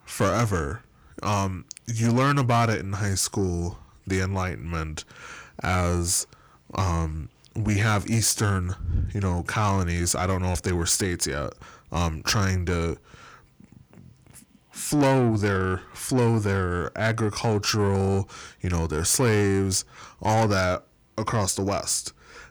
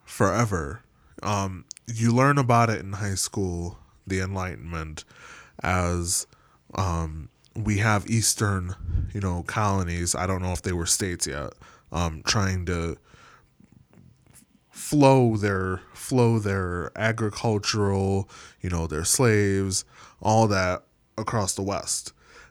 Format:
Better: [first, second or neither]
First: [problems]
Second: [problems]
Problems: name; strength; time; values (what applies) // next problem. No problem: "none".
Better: second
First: distortion; slight; 10 dB below the speech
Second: none